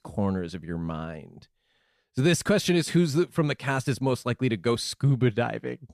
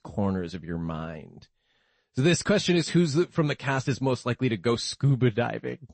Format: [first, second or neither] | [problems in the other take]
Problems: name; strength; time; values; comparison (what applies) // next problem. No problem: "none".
first | garbled, watery; slightly; nothing above 8 kHz